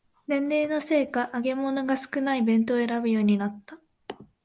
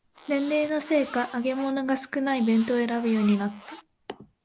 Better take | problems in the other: first | background sound (Zipper (clothing)); 19 dB below the speech

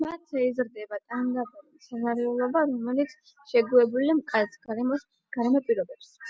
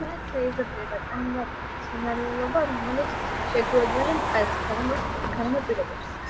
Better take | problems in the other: first | background sound (Motor vehicle (road)); 2 dB below the speech // room echo; dies away in 1.3 s

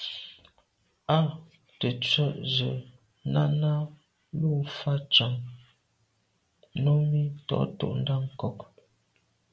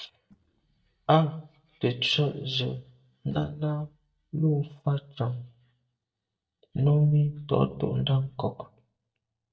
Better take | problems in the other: first | noise reduction (neural mask model DeepFilterNet 3)

